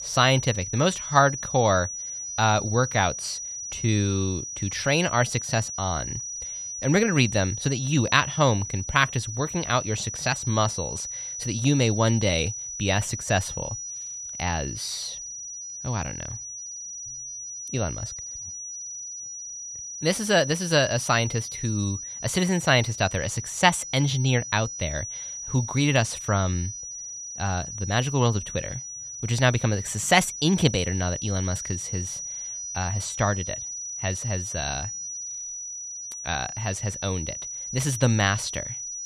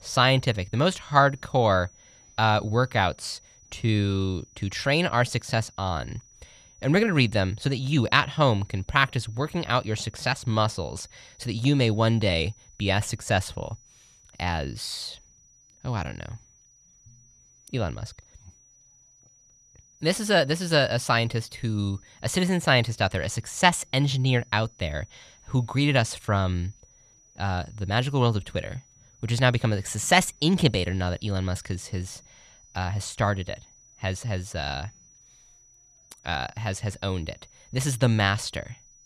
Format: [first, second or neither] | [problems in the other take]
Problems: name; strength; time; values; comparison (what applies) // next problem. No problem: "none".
second | high-pitched whine; loud; throughout; 6 kHz, 7 dB below the speech; faint in the second